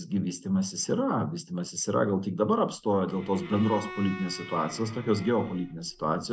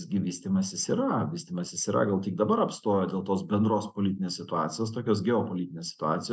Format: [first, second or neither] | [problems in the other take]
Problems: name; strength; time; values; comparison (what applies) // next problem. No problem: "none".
second | background sound (Bowed string instrument); 15 dB below the speech